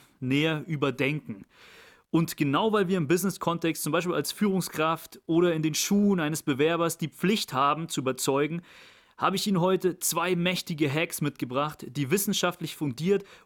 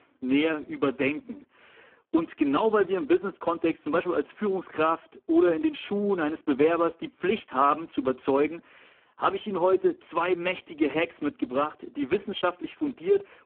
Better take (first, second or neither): first